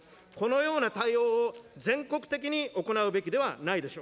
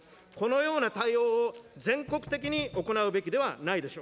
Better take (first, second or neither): first